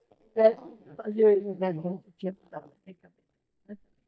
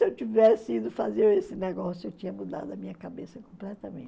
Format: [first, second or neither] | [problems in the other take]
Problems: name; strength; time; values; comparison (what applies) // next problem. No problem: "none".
second | noise reduction (neural mask model DeepFilterNet 3)